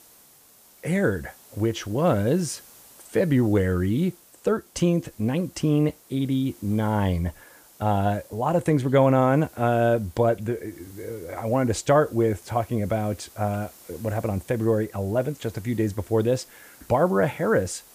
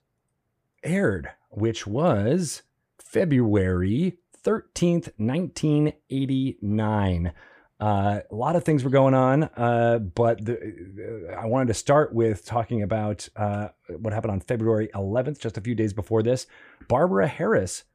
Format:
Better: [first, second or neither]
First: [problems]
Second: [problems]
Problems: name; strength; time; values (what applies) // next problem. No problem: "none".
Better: second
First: hiss; faint; throughout; 25 dB below the speech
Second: none